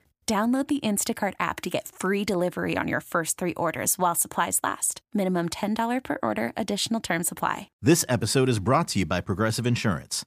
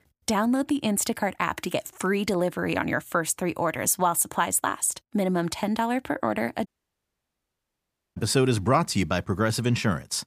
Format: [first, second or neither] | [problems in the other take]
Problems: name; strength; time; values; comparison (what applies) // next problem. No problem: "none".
first | audio cutting out; at 6.5 s for 1.5 s